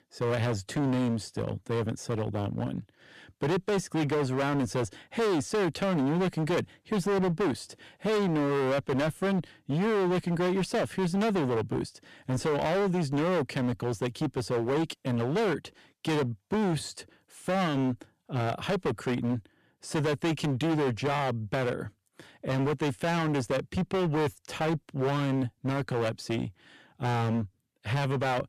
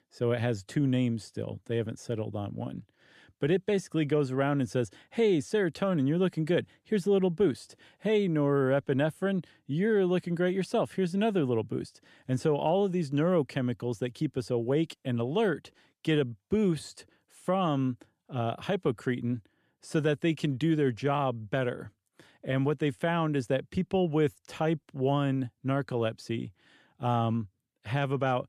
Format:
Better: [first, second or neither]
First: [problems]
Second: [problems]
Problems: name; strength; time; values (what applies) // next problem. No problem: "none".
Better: second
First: distortion; heavy; 24% of the sound clipped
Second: none